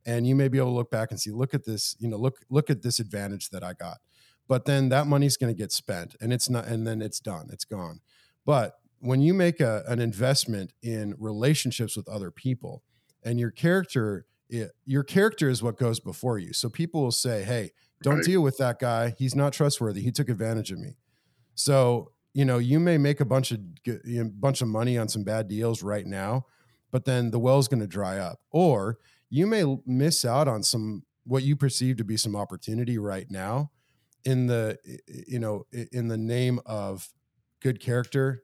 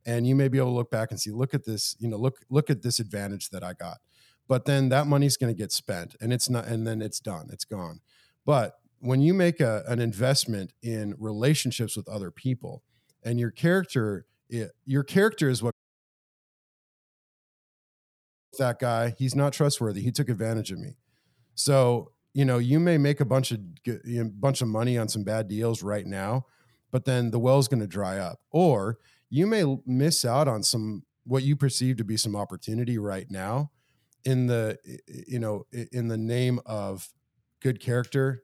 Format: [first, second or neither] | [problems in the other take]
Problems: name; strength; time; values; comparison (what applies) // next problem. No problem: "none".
first | audio cutting out; at 16 s for 3 s